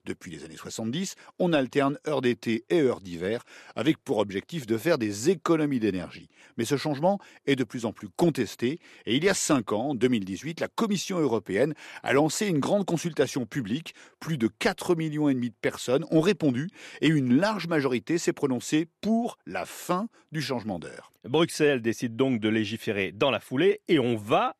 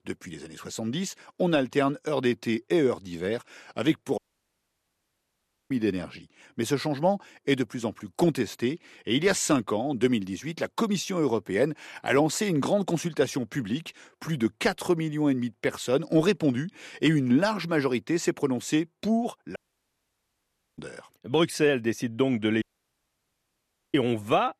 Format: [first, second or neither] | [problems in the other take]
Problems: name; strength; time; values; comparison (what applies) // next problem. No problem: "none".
first | audio cutting out; at 4 s for 1.5 s, at 20 s for 1 s and at 23 s for 1.5 s